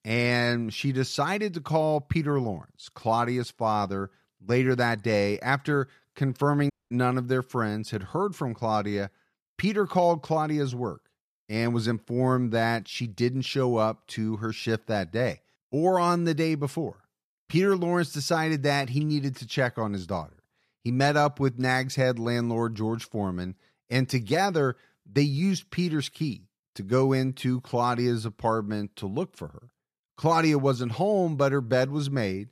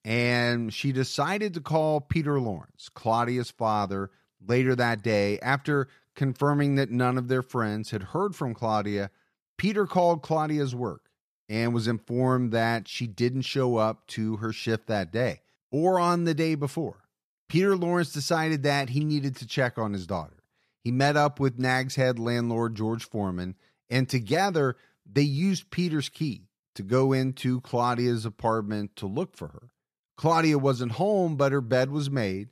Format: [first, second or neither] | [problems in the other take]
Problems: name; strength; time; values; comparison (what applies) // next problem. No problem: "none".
second | audio cutting out; at 6.5 s